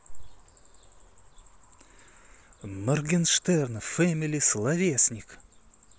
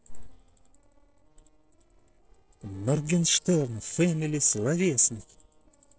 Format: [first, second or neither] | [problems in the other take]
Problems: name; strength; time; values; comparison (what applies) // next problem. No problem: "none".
first | noise reduction (neural separator model SepFormer DNS4)